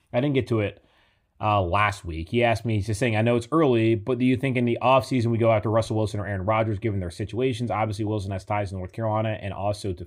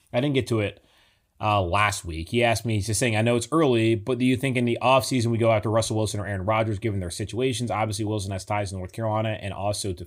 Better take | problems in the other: second | muffled; slightly; fading above 3.5 kHz

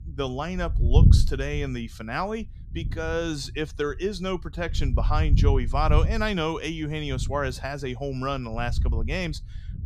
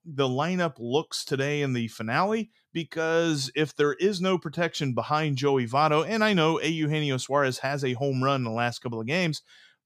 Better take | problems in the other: second | wind noise on the microphone; occasional gusts; 10 dB below the speech

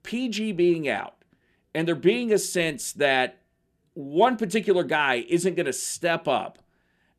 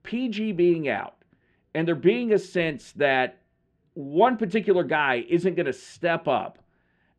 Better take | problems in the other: first | muffled; slightly; fading above 2.5 kHz

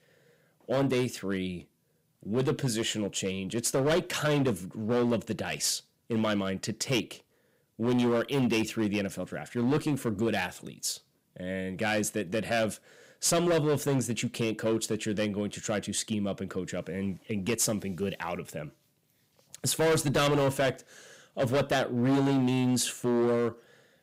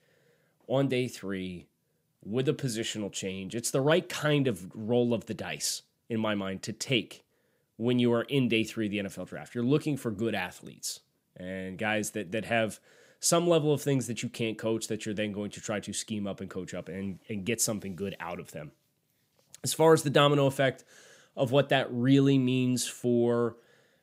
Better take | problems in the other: second | distortion; heavy; 8% of the sound clipped

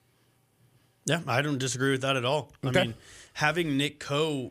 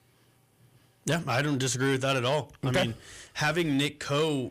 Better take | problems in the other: first | distortion; slight; 10 dB below the speech

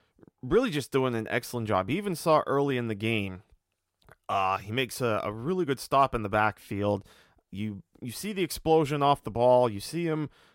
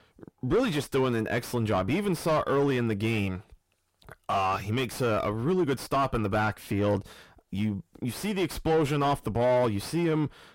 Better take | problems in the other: first | distortion; heavy; 6 dB below the speech

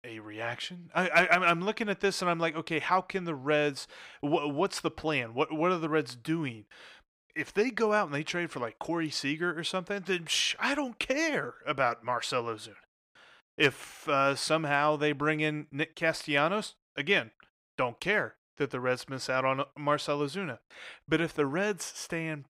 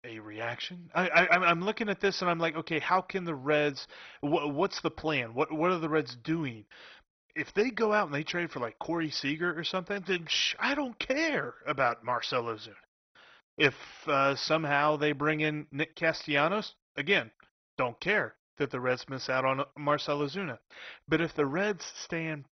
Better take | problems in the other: first | garbled, watery; badly; nothing above 6 kHz

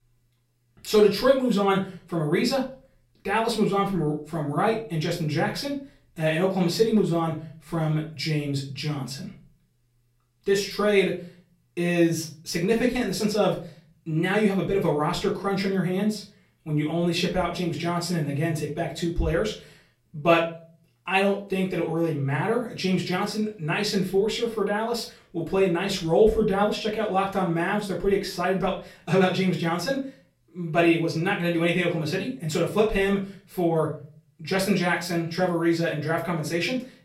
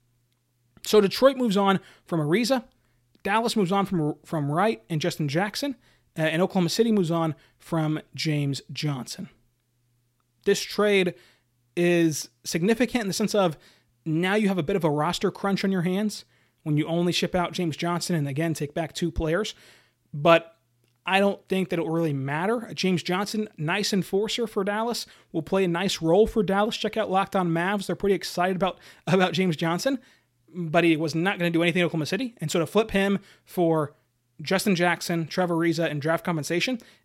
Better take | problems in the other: second | off-mic speech; far // room echo; slight; dies away in 0.3 s

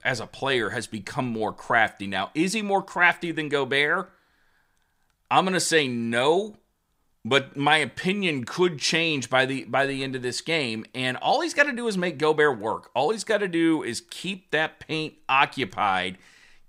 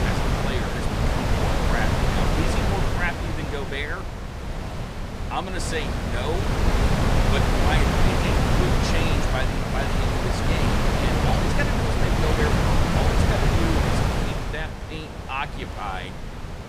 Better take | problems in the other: first | wind noise on the microphone; heavy; 4 dB above the speech

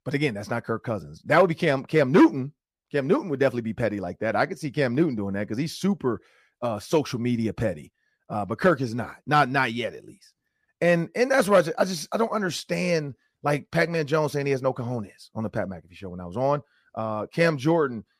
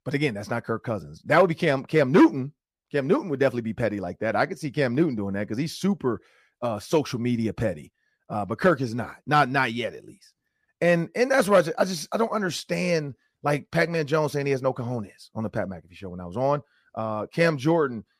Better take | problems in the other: neither | none

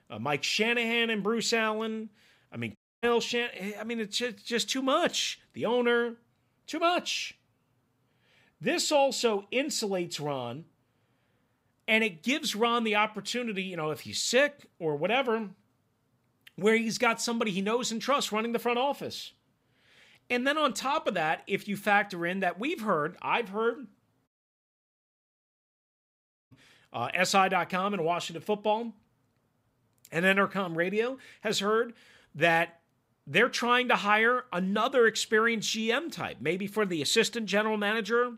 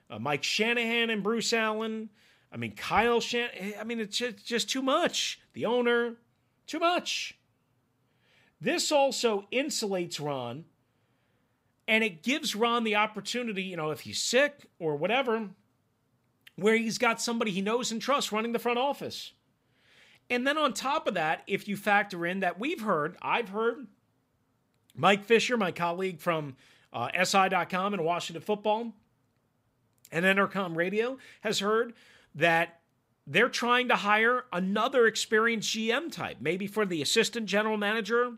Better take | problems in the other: second | audio cutting out; at 3 s and at 24 s for 2 s

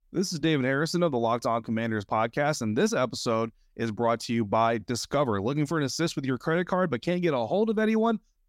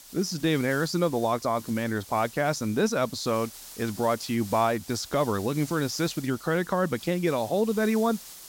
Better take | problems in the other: first | hiss; noticeable; throughout; 15 dB below the speech

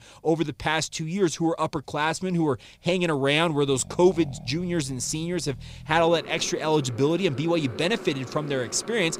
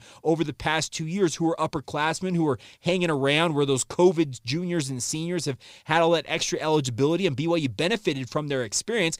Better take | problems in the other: second | traffic noise; noticeable; throughout; 15 dB below the speech

